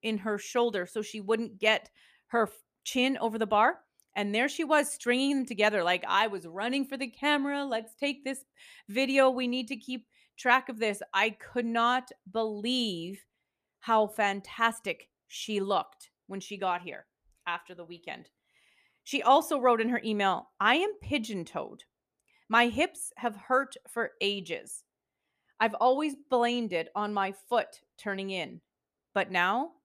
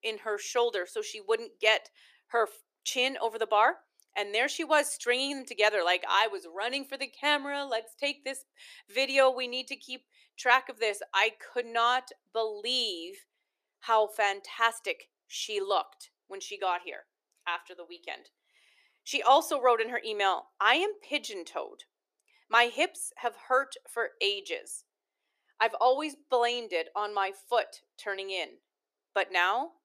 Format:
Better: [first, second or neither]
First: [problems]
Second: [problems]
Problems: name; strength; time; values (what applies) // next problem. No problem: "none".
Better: first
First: none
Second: thin; somewhat; fading below 350 Hz